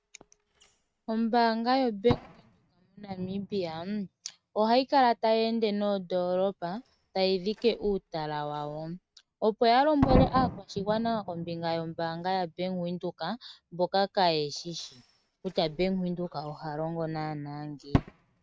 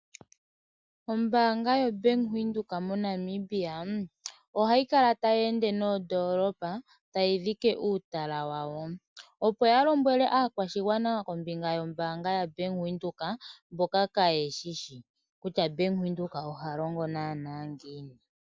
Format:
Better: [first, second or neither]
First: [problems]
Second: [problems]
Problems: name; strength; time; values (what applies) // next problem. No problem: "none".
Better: second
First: noise reduction (neural mask model RNNoise)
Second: none